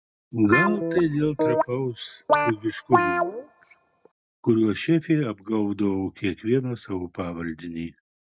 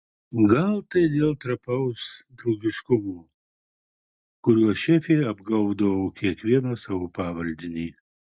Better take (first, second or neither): second